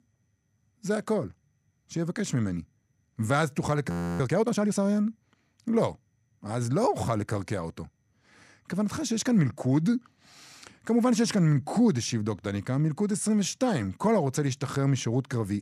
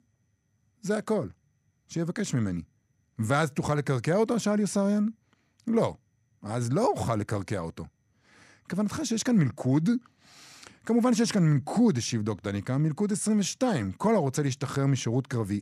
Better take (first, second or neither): second